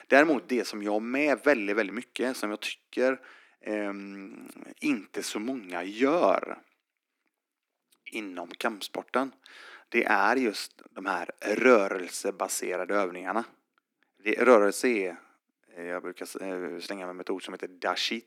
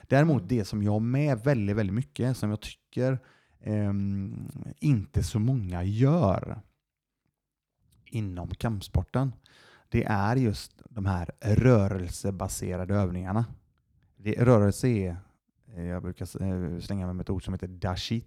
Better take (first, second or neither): second